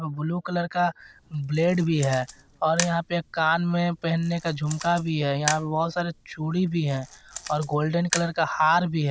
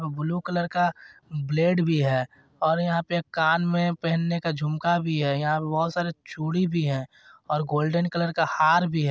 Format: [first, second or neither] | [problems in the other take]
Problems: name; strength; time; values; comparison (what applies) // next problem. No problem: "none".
second | background sound (Camera); 13 dB below the speech